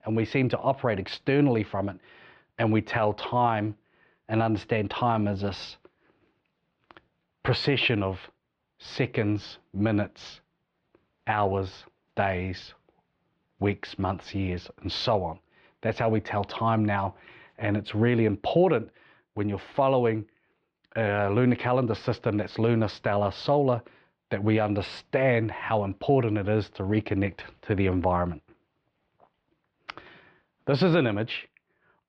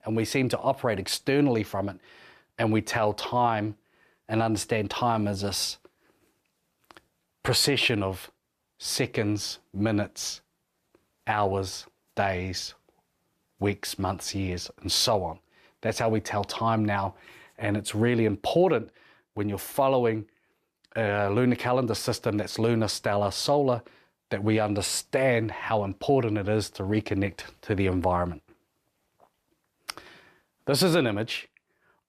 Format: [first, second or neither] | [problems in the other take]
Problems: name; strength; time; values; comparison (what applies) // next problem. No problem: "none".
second | muffled; slightly; fading above 3.5 kHz